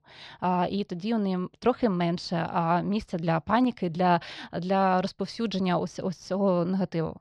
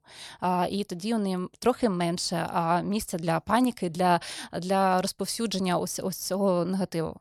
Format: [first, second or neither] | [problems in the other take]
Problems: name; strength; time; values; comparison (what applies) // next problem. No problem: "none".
second | muffled; very slightly; fading above 4 kHz